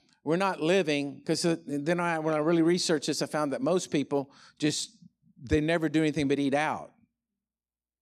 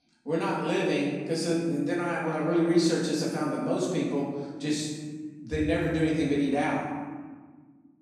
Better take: first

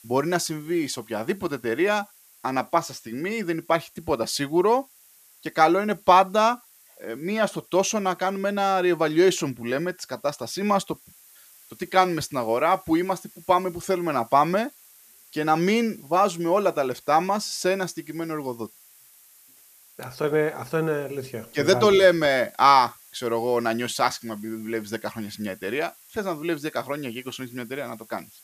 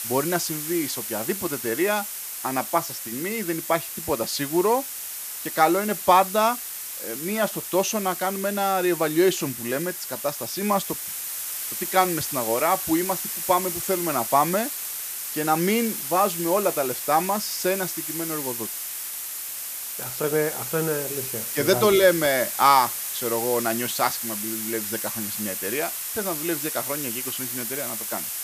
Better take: first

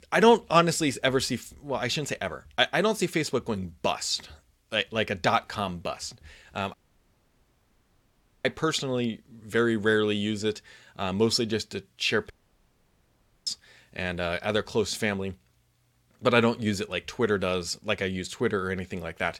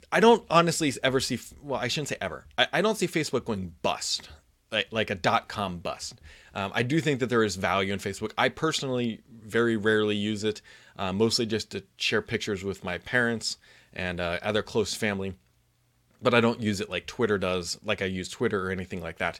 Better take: second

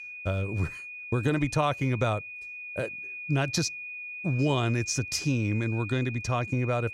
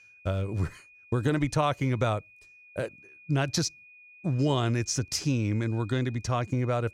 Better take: second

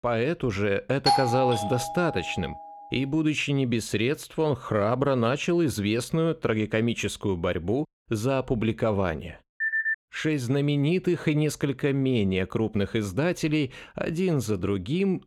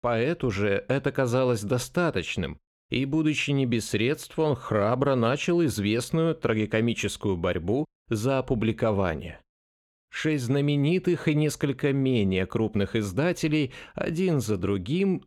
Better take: second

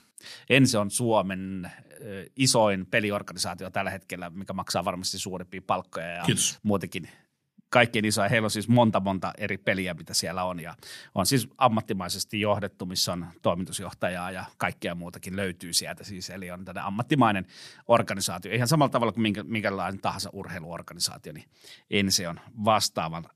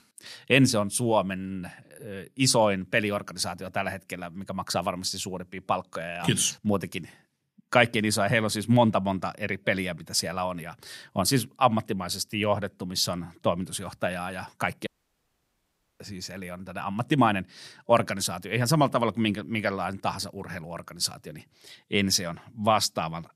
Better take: first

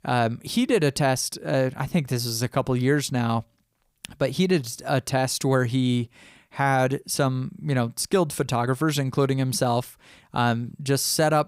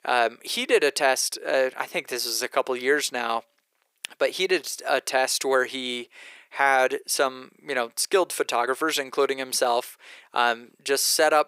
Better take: first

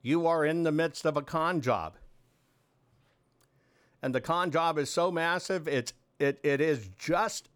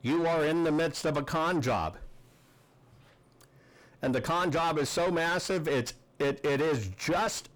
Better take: first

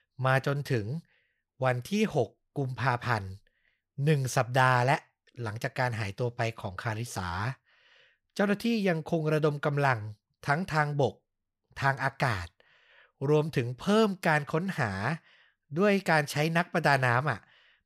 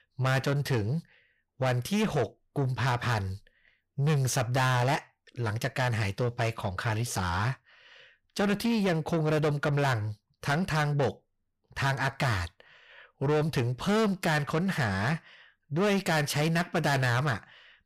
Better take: first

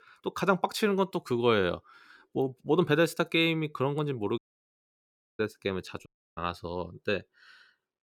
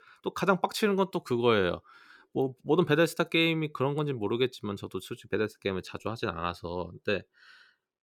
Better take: second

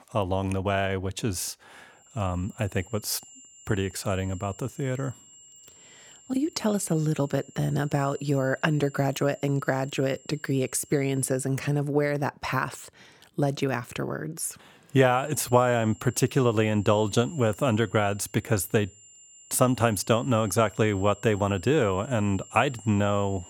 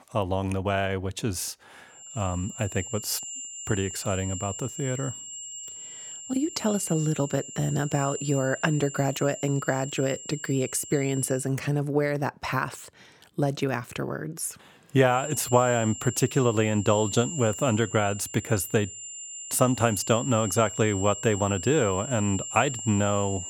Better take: first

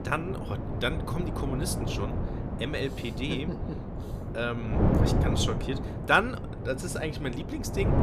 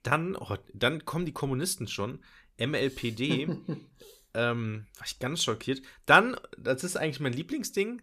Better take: second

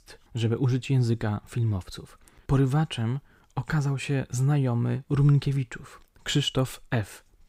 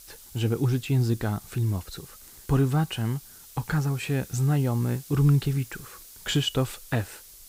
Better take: first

